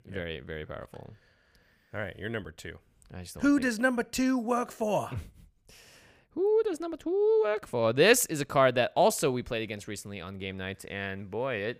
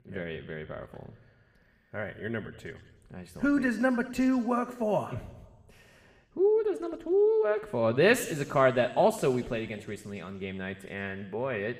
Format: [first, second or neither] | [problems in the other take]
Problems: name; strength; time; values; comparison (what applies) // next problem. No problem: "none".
first | room echo; slight; dies away in 1.1 s